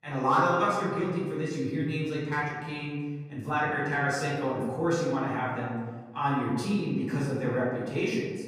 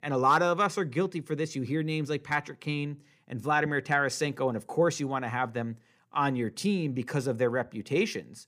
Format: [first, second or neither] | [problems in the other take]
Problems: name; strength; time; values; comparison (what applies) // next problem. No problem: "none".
second | off-mic speech; far // room echo; noticeable; dies away in 1.4 s